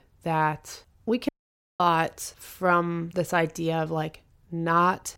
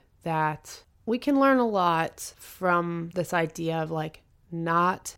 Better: second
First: audio cutting out; at 1.5 s for 0.5 s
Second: none

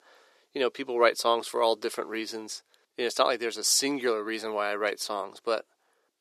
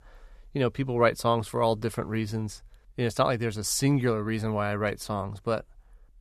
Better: second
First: thin; somewhat; fading below 350 Hz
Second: none

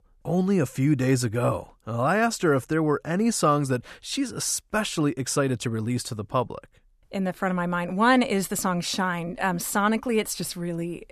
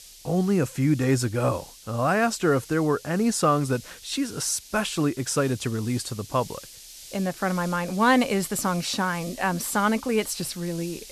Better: first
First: none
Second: hiss; noticeable; throughout; 15 dB below the speech

